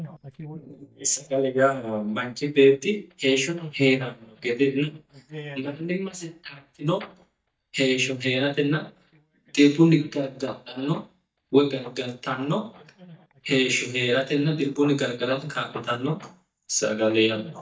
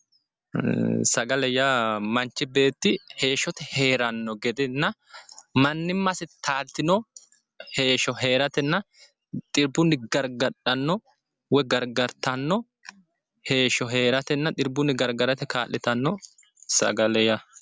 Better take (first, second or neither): second